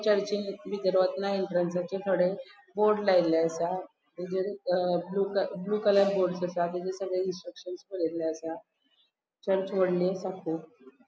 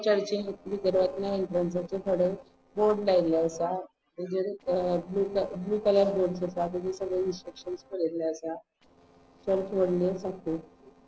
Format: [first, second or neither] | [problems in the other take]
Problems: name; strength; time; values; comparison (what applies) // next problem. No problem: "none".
first | noise reduction (neural separator model SepFormer DNS4)